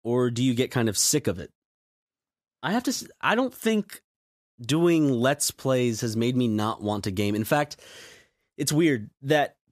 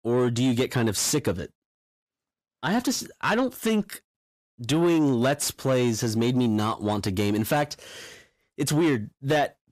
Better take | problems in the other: first | distortion; slight; 10 dB below the speech

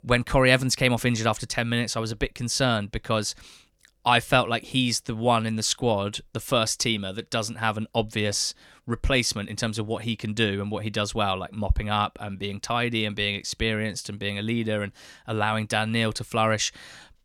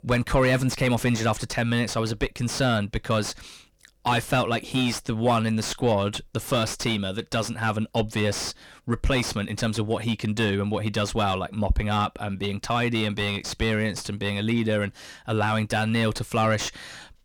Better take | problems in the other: first | distortion; heavy; 7 dB below the speech

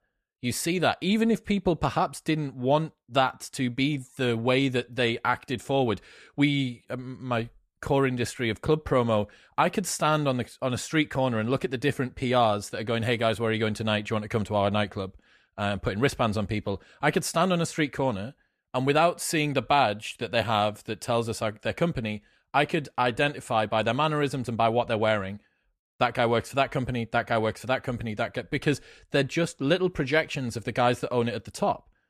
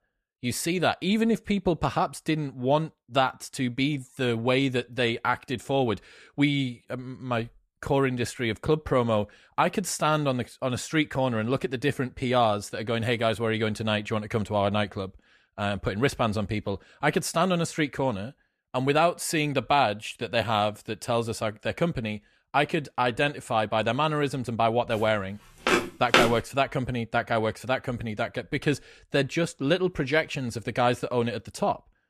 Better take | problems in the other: first | footsteps; loud; at 26 s; peak 5 dB above the speech

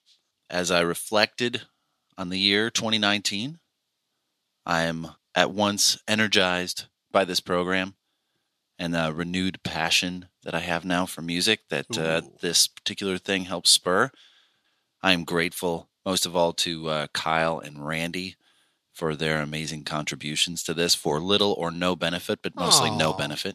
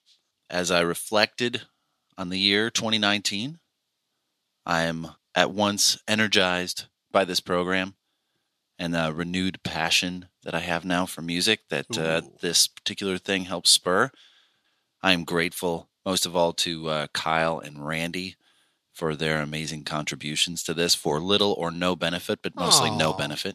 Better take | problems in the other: neither | thin; somewhat; fading below 750 Hz; the same in both

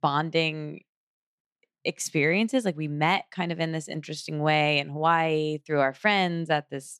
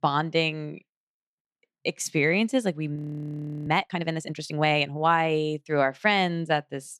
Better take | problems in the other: first | audio freezing; at 3 s for 0.5 s

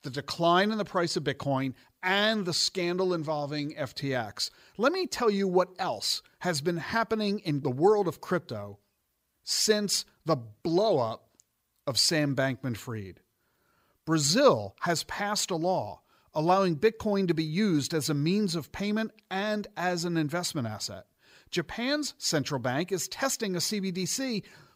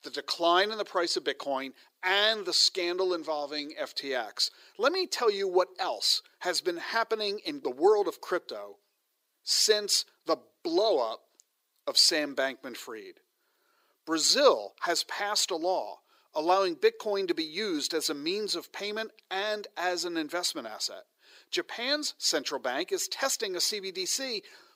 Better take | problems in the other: first | thin; somewhat; fading below 350 Hz

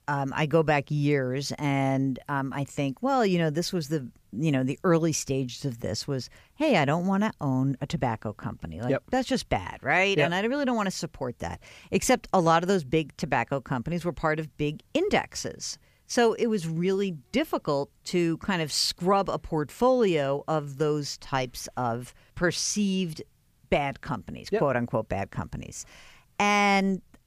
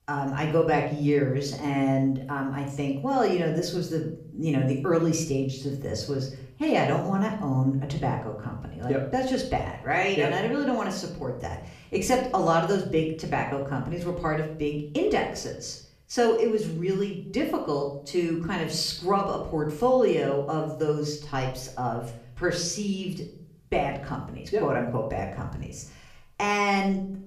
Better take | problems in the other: first | off-mic speech; far // room echo; slight; dies away in 0.5 s

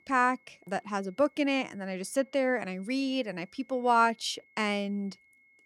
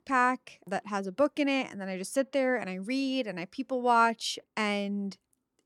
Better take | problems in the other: second | high-pitched whine; faint; throughout; 2 kHz, 30 dB below the speech

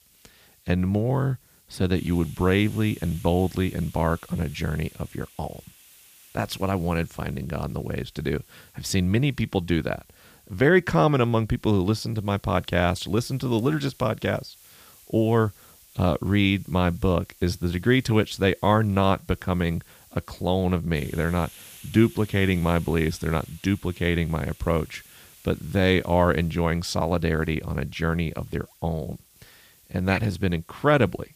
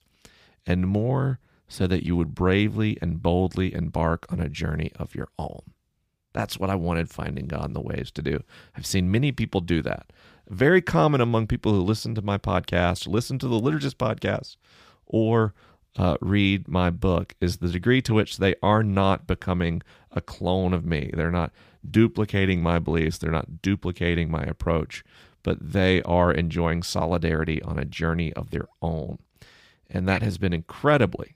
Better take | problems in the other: second | hiss; faint; throughout; 25 dB below the speech

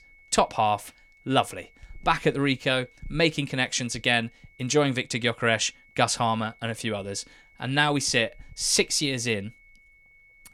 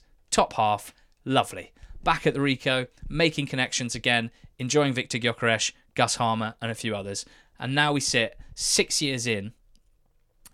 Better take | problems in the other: second | high-pitched whine; faint; throughout; 2 kHz, 30 dB below the speech

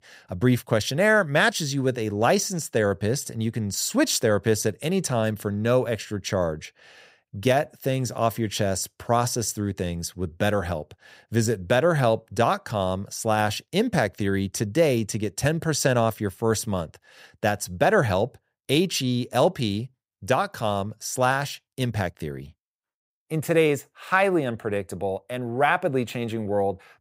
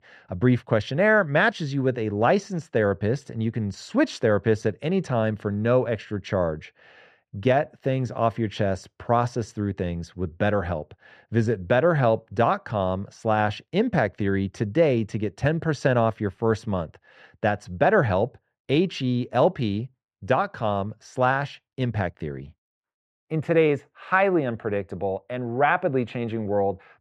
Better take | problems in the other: first | muffled; slightly; fading above 2.5 kHz

